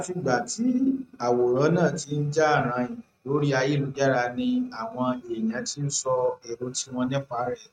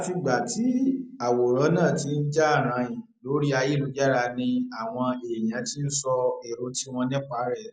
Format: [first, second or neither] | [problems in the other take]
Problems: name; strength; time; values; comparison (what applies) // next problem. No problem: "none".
second | noise reduction (neural mask model RNNoise)